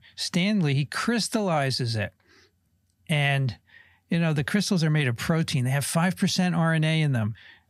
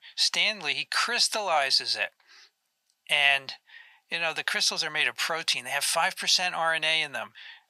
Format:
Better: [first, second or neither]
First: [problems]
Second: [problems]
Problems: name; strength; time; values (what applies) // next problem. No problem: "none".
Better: first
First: none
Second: thin; very; fading below 850 Hz